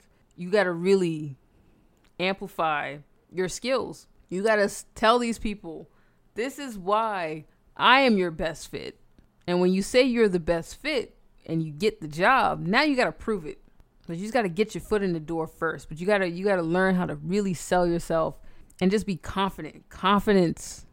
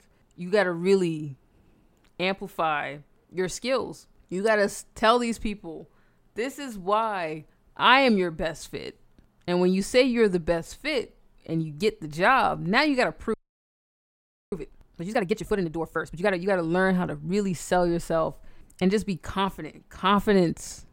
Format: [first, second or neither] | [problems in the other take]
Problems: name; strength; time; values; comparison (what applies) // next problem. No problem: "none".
first | audio freezing; at 13 s for 1 s